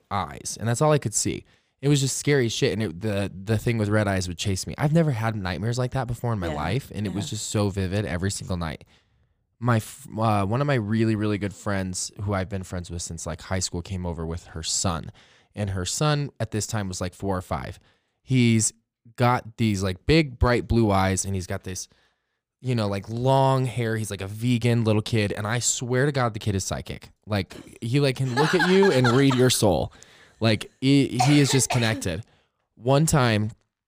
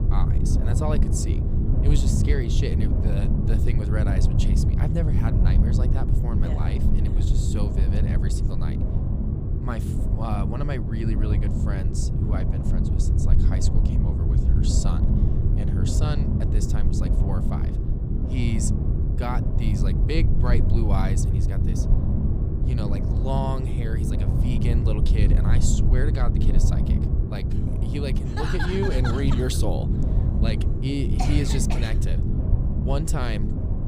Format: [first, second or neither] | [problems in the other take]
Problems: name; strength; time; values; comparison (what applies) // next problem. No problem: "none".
first | low rumble; loud; throughout; 2 dB below the speech